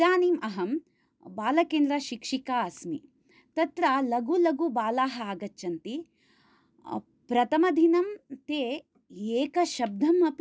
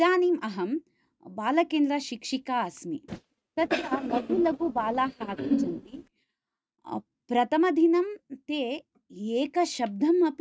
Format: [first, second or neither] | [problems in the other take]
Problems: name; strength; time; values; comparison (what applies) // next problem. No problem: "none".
first | noise reduction (neural mask model RNNoise)